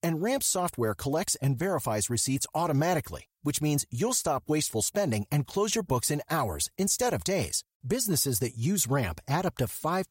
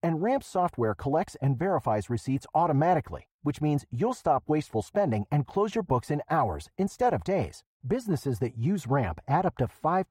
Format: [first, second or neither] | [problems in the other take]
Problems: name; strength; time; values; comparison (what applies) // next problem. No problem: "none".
first | muffled; very; fading above 3.5 kHz